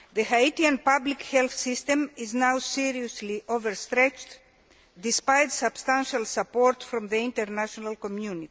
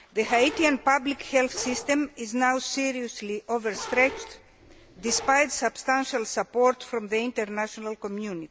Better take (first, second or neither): first